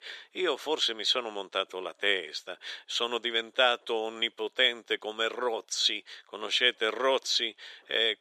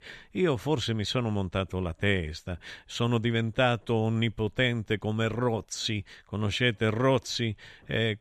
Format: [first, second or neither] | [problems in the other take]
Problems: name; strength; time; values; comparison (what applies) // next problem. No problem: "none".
second | thin; very; fading below 400 Hz